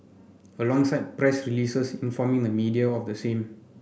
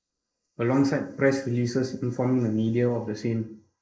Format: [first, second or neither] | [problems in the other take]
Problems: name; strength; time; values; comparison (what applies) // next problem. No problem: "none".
first | noise reduction (neural mask model Resemble Enhance denoiser)